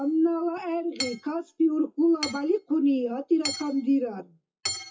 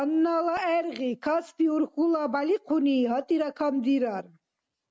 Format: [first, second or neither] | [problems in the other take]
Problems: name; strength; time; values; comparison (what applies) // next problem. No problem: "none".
second | noise reduction (classical method WPE with log-MMSE)